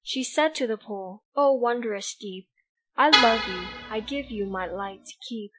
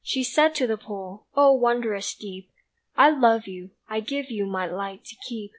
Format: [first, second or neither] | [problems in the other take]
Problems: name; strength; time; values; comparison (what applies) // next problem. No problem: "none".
second | noise reduction (classical method Wiener filter)